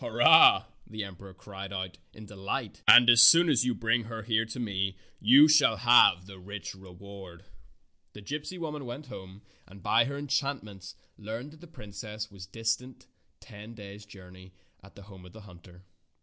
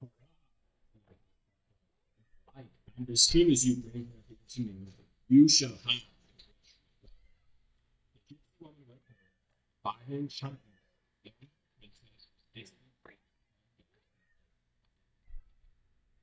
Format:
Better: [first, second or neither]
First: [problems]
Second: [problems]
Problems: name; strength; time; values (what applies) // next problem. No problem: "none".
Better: first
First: none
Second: noise reduction (neural mask model DeepFilterNet 3)